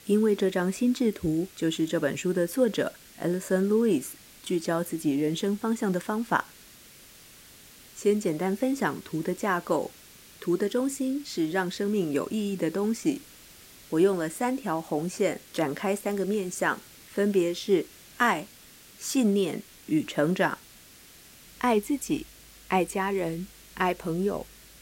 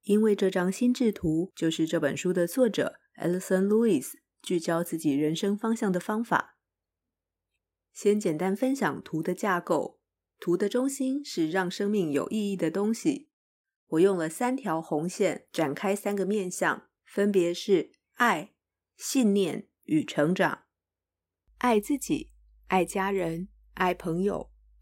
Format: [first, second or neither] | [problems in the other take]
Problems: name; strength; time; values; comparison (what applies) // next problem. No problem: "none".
second | hiss; faint; throughout; 20 dB below the speech